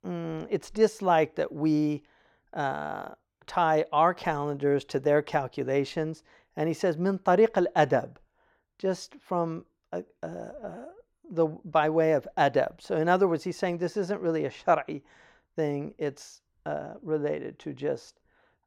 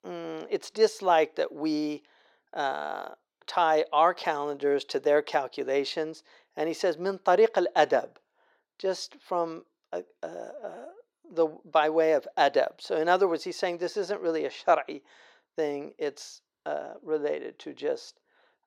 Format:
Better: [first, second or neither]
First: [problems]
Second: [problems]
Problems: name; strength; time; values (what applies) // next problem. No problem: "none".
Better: first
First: none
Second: thin; somewhat; fading below 400 Hz